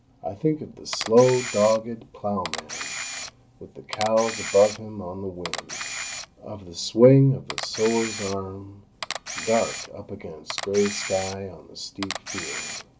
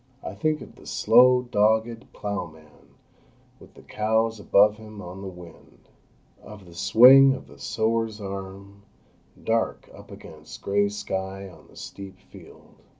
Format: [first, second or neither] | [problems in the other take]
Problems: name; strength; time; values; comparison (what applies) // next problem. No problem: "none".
second | background sound (Camera); 11 dB below the speech